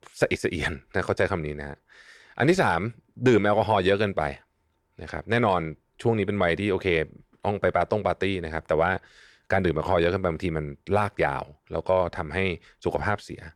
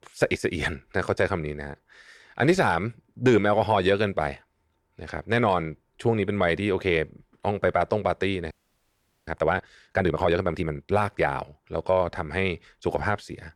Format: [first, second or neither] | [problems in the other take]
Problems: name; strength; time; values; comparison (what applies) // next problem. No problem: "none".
first | audio freezing; at 8.5 s for 1 s